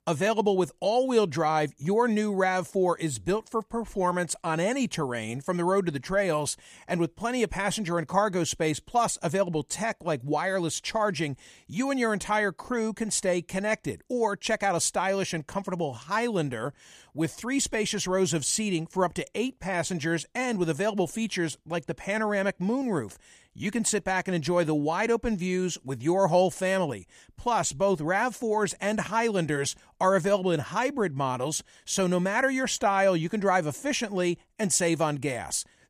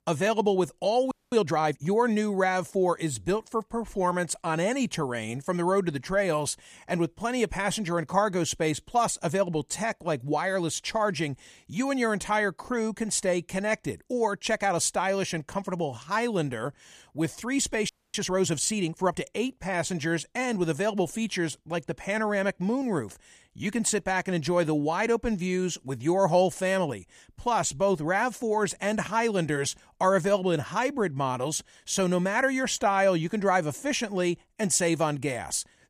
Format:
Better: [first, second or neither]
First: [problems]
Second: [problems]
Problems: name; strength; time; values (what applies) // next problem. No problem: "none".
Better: first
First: none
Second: audio freezing; at 1 s and at 18 s